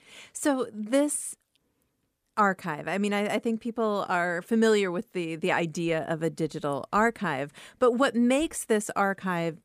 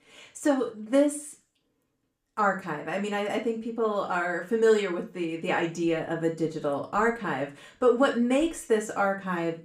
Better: first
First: none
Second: room echo; slight; dies away in 0.3 s // off-mic speech; far

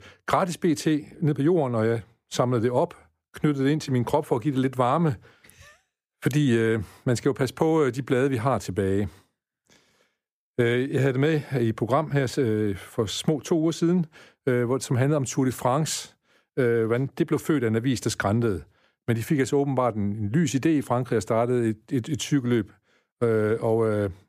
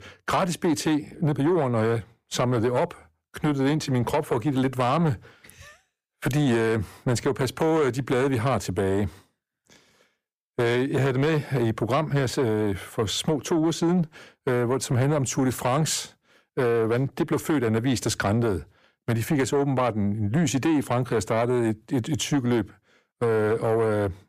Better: first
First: none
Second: distortion; slight; 10 dB below the speech

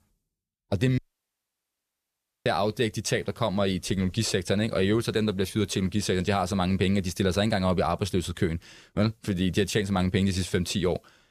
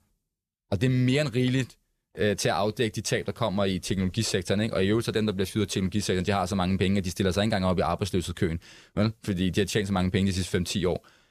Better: second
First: audio cutting out; at 1 s for 1.5 s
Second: none

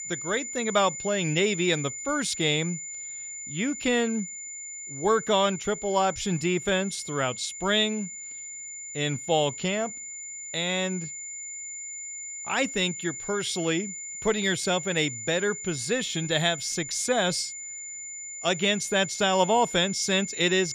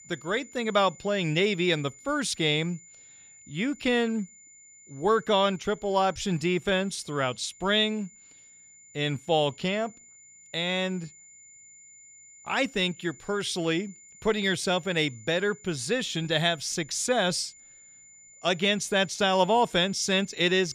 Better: second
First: high-pitched whine; loud; throughout; 7 kHz, 8 dB below the speech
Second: high-pitched whine; faint; throughout; 7 kHz, 25 dB below the speech

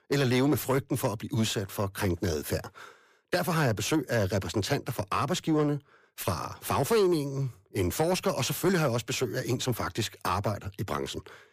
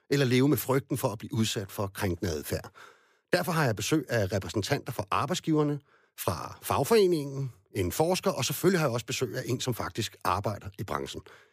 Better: second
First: distortion; slight; 10 dB below the speech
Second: none

